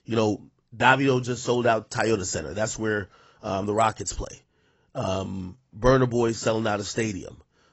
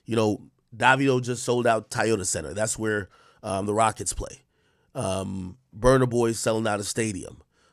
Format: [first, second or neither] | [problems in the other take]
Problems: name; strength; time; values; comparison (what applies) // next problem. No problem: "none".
second | garbled, watery; badly; nothing above 8 kHz